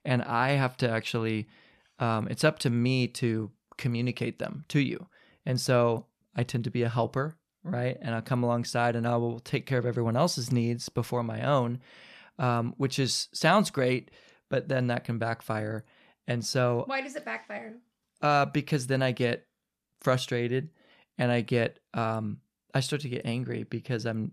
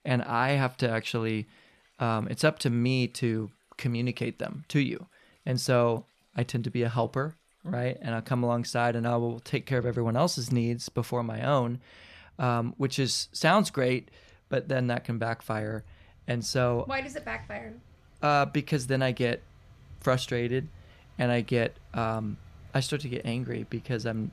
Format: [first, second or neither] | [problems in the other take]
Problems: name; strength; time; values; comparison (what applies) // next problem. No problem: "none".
first | rain or running water; faint; throughout; 25 dB below the speech